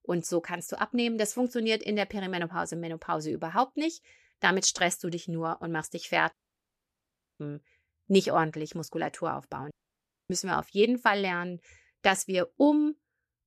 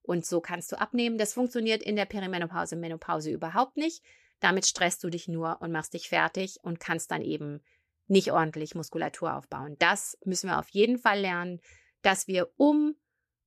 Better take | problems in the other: second | audio cutting out; at 6.5 s for 1 s and at 9.5 s for 0.5 s

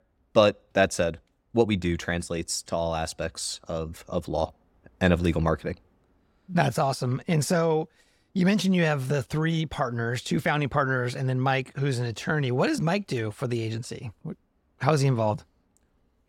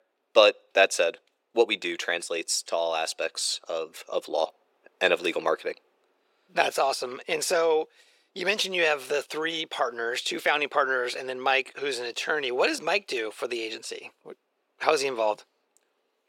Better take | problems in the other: first | thin; very; fading below 400 Hz

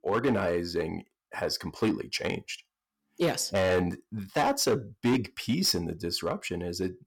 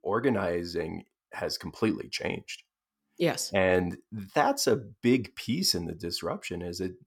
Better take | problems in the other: second | distortion; slight; 5% of the sound clipped

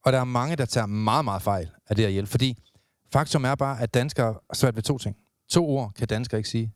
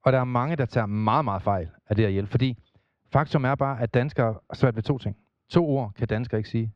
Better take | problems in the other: first | muffled; very; fading above 2.5 kHz

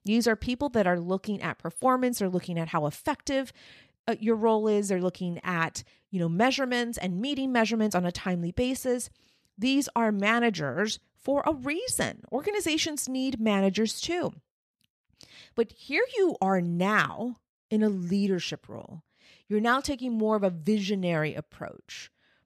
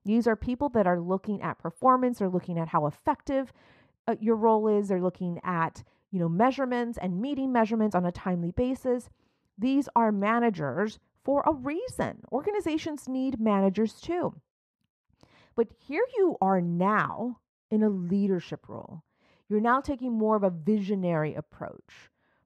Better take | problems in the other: first | muffled; very; fading above 2 kHz

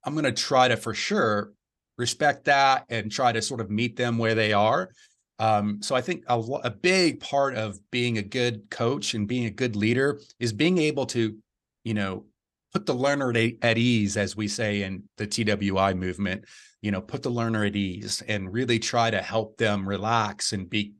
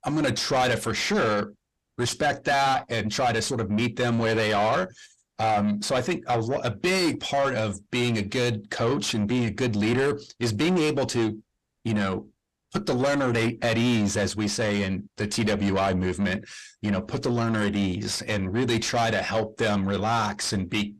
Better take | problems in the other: first | distortion; heavy; 7 dB below the speech

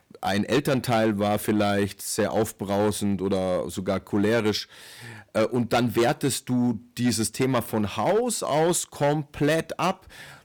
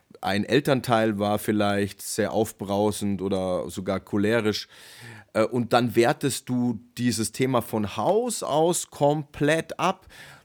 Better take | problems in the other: second | distortion; slight; 7% of the sound clipped

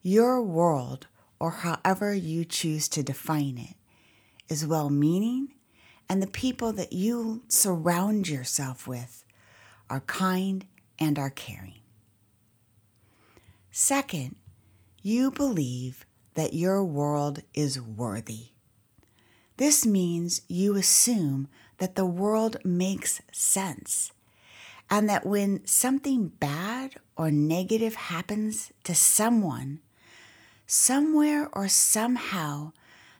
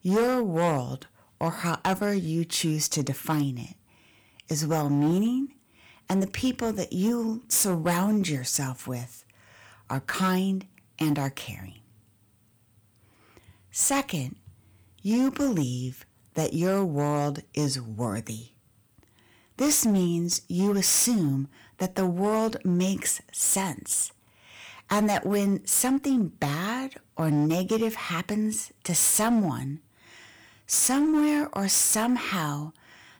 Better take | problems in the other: first | distortion; slight; 7% of the sound clipped

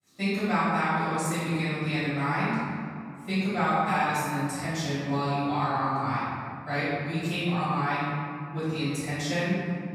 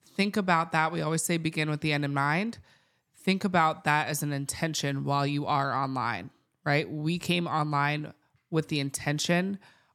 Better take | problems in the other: second | off-mic speech; far // room echo; strong; dies away in 2.1 s

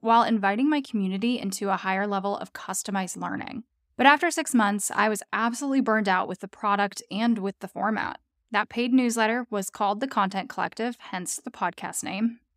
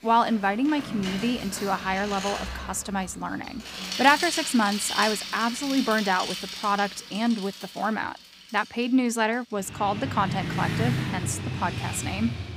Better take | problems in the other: first | traffic noise; loud; throughout; 5 dB below the speech

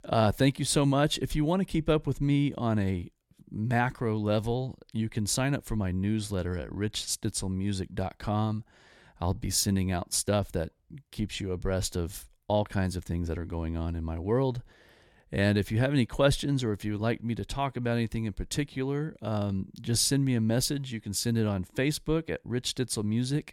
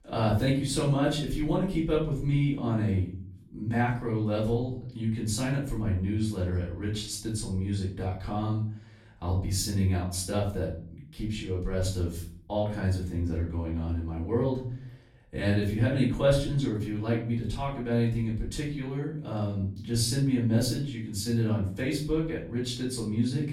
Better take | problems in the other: first | room echo; noticeable; dies away in 0.5 s // off-mic speech; far

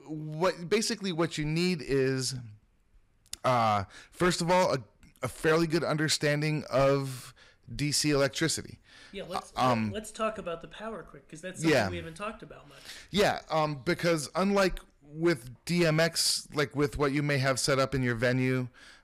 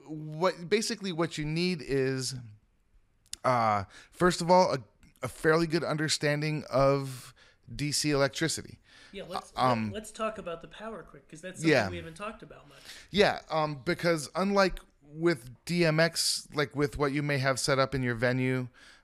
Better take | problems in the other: second | distortion; slight; 4% of the sound clipped

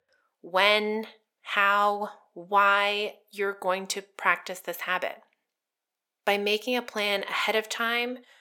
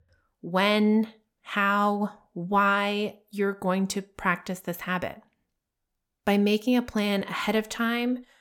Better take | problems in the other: second | thin; somewhat; fading below 500 Hz

